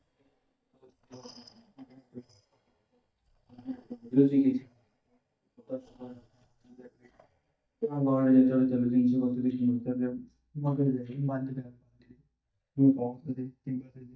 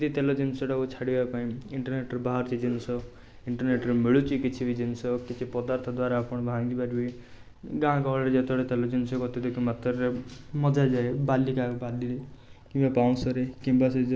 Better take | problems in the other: second | noise reduction (neural mask model DeepFilterNet 3)

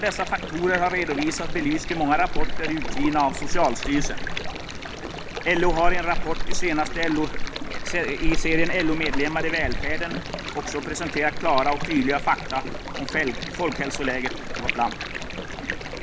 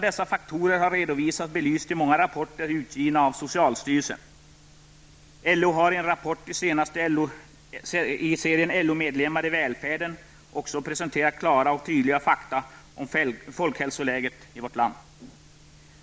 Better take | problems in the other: second | background sound (Stream); as loud as the speech

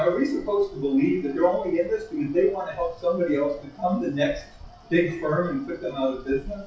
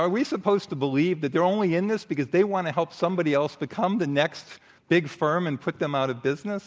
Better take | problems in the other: second | noise reduction (classical method WPE with log-MMSE)

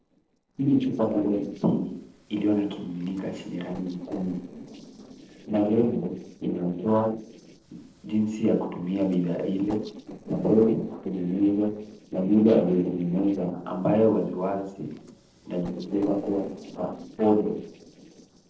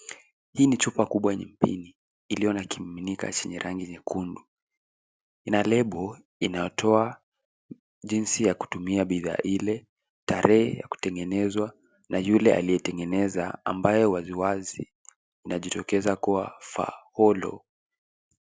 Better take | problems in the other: second | noise reduction (neural separator model SepFormer DNS4)

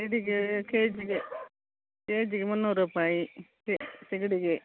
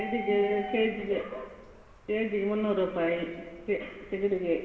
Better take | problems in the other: first | background sound (Bird); 14 dB below the speech // room echo; dies away in 2.1 s

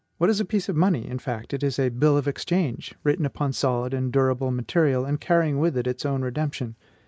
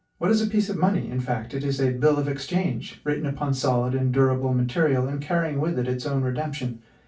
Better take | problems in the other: first | room echo; dies away in 0.2 s

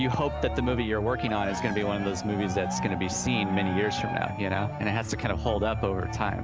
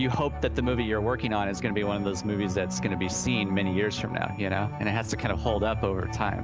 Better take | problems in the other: second | background sound (Cheering); 10 dB below the speech

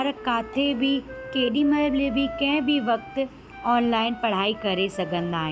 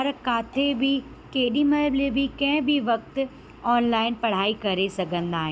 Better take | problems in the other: second | background sound (Wind instrument, woodwind instrument); 15 dB below the speech

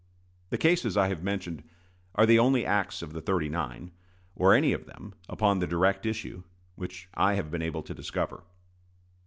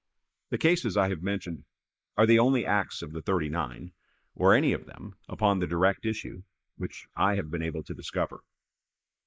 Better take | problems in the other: first | noise reduction (neural mask model Resemble Enhance denoiser)

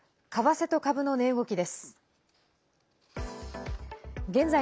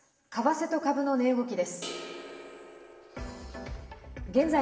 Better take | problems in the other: first | background sound (Crash cymbal); 14 dB below the speech // room echo; dies away in 2.9 s

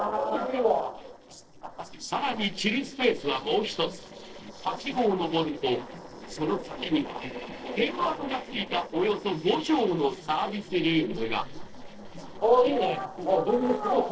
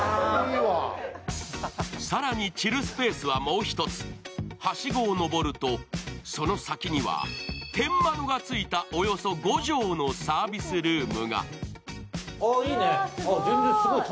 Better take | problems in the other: second | noise reduction (neural separator model SepFormer DNS4)

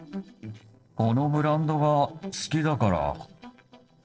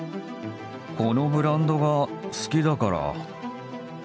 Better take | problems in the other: second | noise reduction (neural separator model SepFormer DNS4)

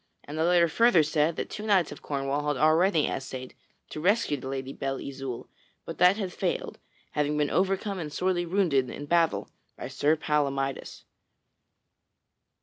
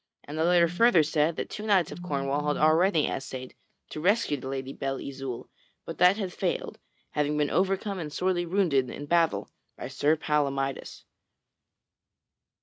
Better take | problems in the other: first | noise reduction (neural mask model RNNoise)

